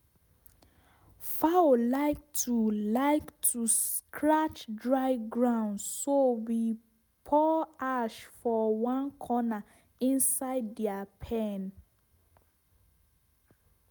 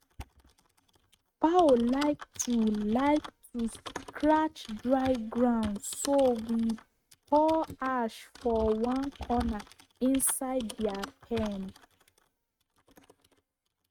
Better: first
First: none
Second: noise reduction (neural mask model RNNoise)

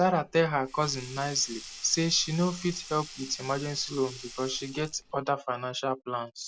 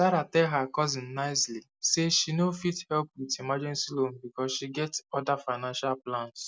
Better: second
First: background sound (Sink (filling or washing)); 16 dB below the speech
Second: none

